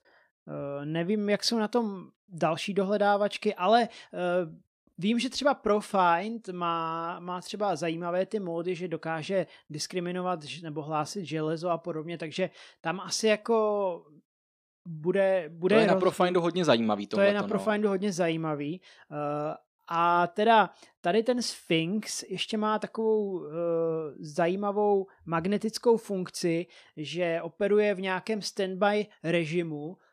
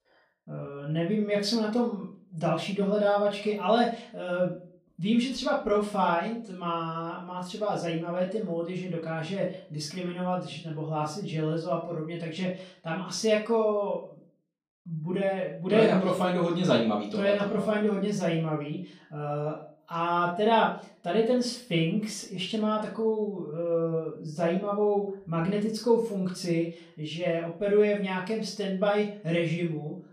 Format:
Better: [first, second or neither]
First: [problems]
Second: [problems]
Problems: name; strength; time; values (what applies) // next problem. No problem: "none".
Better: first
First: none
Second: off-mic speech; far // room echo; slight; dies away in 0.3 s